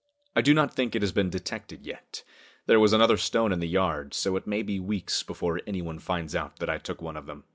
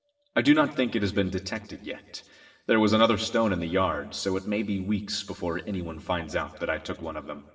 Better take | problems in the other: first | room echo; dies away in 1.4 s

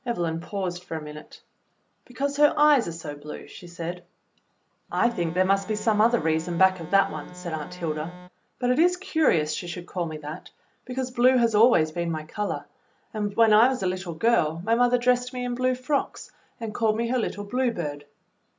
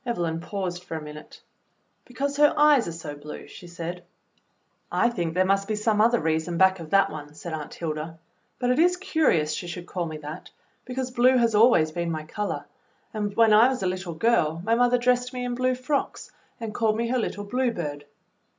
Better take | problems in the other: second | background sound (Organ); 15 dB below the speech

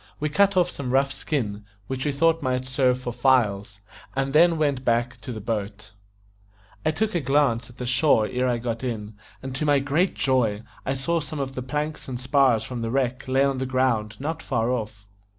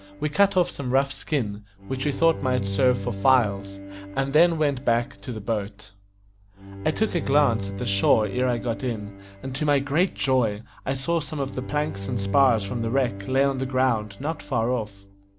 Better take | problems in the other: first | background sound (Bowed string instrument); 10 dB below the speech

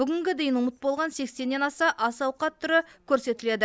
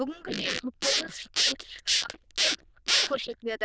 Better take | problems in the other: first | noise reduction (neural diffusion model UNIVERSE++)

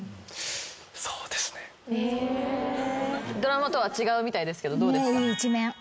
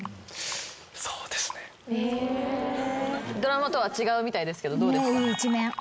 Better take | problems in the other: first | background sound (Fill (with liquid)); 17 dB below the speech

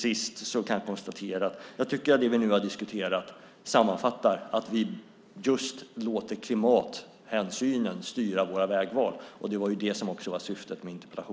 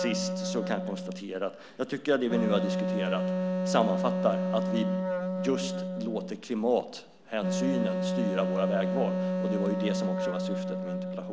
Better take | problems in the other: first | background sound (Wind instrument, woodwind instrument); 1 dB above the speech

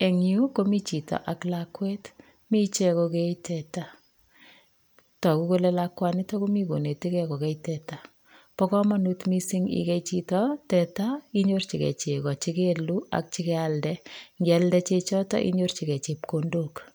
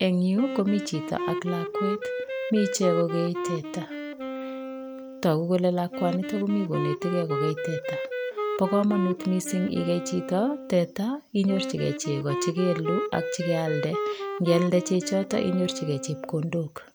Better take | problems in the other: first | background sound (Wind instrument, woodwind instrument); 6 dB below the speech

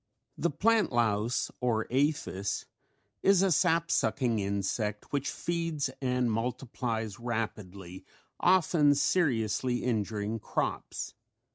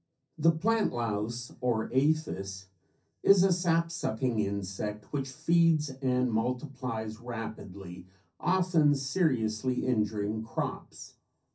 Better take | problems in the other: first | room echo; dies away in 0.3 s

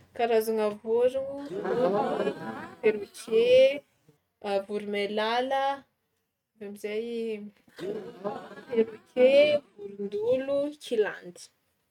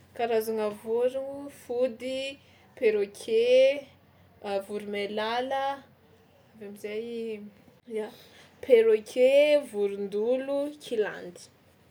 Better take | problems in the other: second | noise reduction (neural mask model RNNoise)

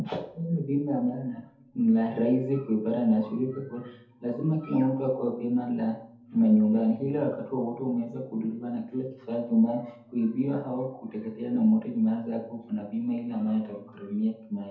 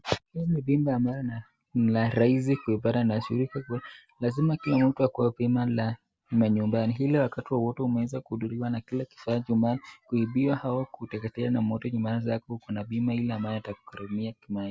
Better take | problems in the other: second | room echo; dies away in 0.6 s

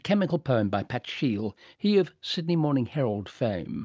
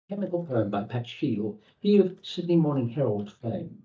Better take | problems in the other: first | noise reduction (neural mask model DeepFilterNet 3)

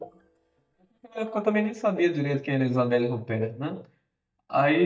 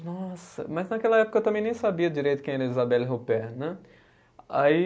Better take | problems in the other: second | noise reduction (neural mask model DeepFilterNet 3)

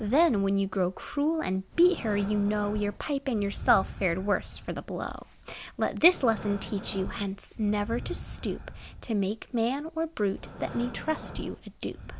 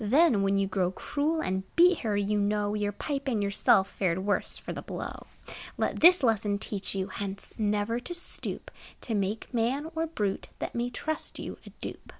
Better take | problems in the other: second | background sound (Breathing); 13 dB below the speech

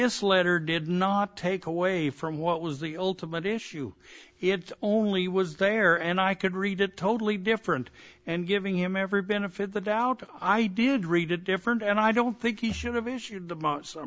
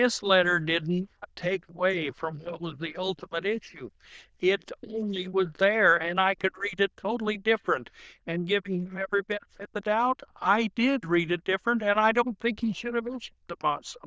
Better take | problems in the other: first | noise reduction (neural diffusion model UNIVERSE++)

